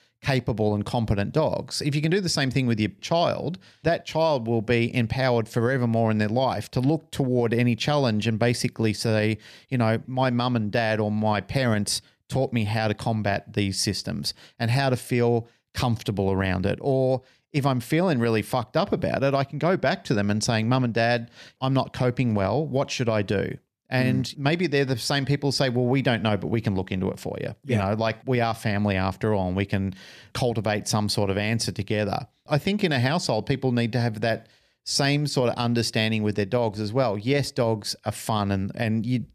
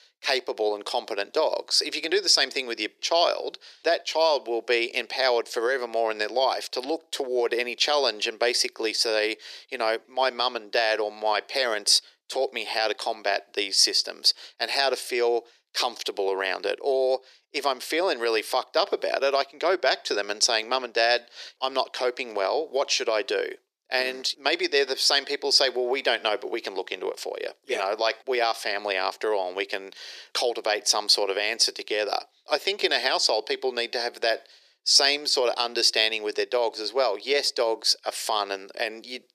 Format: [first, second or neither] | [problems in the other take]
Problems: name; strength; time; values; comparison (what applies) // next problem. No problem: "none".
first | thin; very; fading below 350 Hz